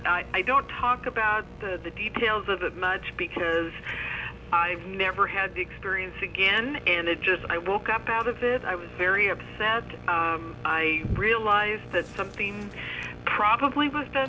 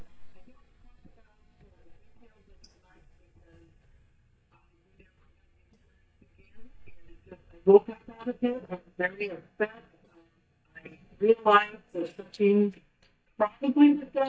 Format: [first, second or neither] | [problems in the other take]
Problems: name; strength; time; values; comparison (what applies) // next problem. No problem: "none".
first | noise reduction (neural mask model DeepFilterNet 3)